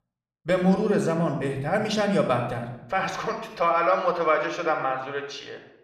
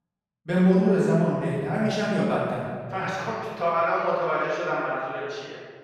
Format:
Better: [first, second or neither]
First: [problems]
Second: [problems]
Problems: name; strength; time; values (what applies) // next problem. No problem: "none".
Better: first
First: room echo; slight; dies away in 0.7 s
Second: room echo; strong; dies away in 1.8 s // off-mic speech; far